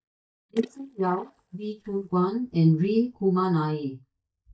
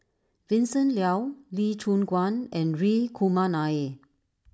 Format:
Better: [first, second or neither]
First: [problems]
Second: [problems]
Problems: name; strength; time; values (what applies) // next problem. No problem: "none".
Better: second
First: noise reduction (neural mask model DeepFilterNet 3)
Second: none